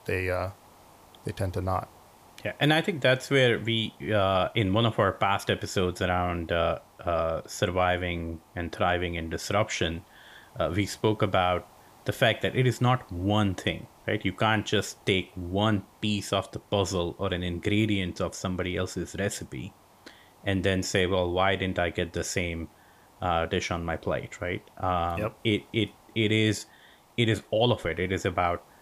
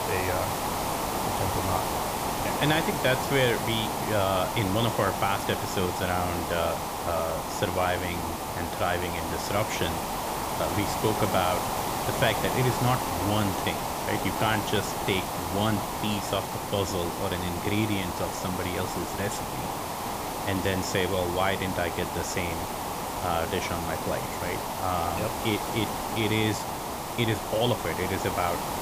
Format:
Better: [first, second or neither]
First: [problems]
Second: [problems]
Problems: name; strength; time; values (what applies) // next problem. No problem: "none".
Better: first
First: hiss; faint; throughout; 30 dB below the speech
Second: hiss; loud; throughout; 1 dB below the speech